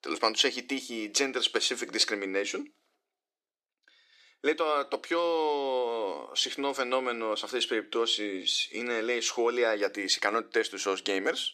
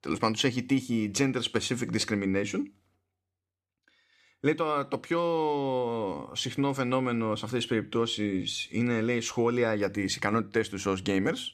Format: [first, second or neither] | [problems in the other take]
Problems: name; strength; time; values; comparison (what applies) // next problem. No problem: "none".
second | thin; somewhat; fading below 350 Hz